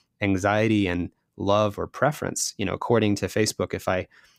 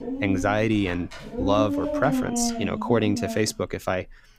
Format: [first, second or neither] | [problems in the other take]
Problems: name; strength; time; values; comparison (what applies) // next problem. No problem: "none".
first | dog barking; noticeable; peak level with the speech